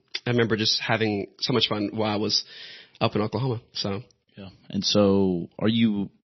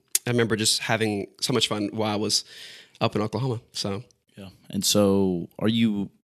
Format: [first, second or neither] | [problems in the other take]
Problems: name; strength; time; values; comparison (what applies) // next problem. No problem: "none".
second | garbled, watery; slightly; nothing above 6 kHz